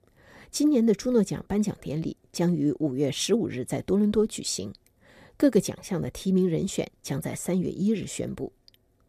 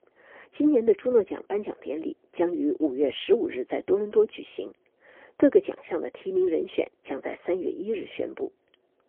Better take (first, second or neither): first